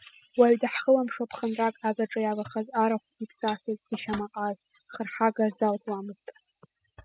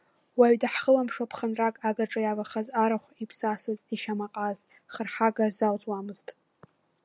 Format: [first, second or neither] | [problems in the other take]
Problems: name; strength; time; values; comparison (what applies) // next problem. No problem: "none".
second | noise reduction (classical method spectral subtraction)